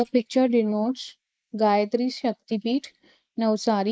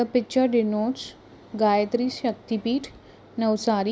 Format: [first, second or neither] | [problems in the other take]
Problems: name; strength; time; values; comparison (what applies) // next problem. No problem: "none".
second | noise reduction (neural mask model Resemble Enhance denoiser)